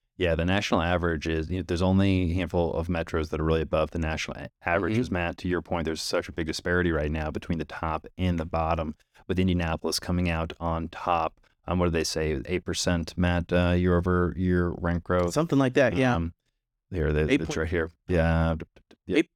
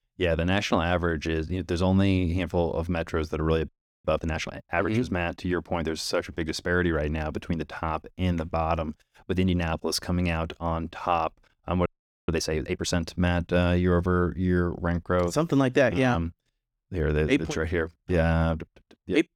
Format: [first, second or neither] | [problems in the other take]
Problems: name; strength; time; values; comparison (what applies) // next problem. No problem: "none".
first | audio freezing; at 3.5 s and at 12 s